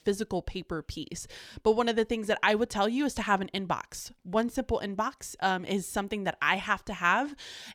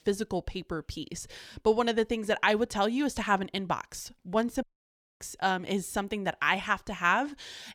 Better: first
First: none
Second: audio cutting out; at 4.5 s for 0.5 s

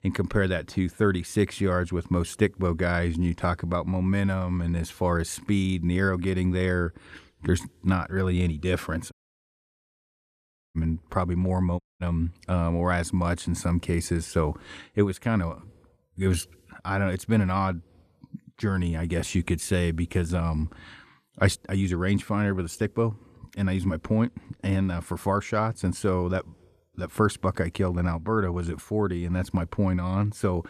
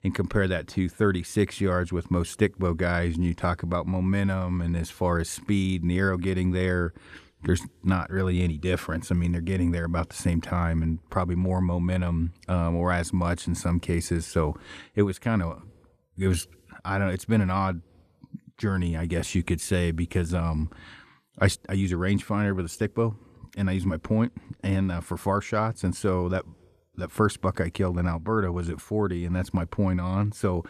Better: second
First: audio cutting out; at 9 s for 1.5 s and at 12 s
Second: none

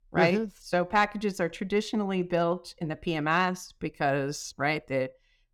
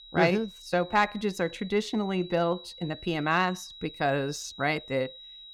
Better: first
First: none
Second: high-pitched whine; noticeable; throughout; 4 kHz, 15 dB below the speech

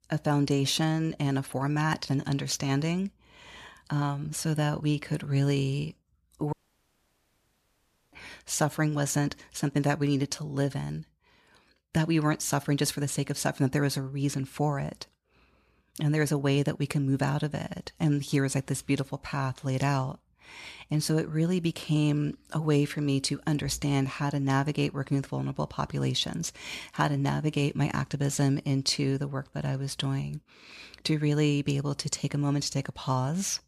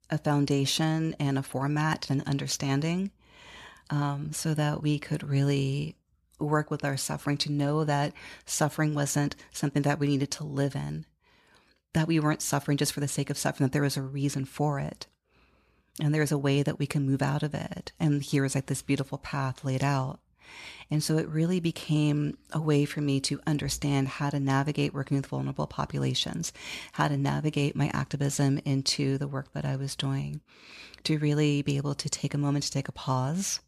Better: second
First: audio cutting out; at 6.5 s for 1.5 s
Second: none

